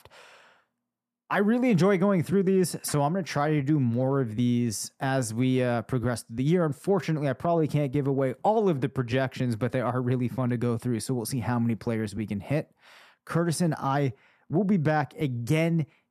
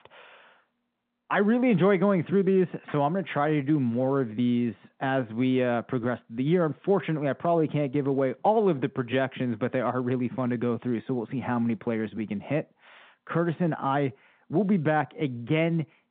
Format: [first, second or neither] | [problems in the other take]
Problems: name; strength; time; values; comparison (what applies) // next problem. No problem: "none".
first | phone-call audio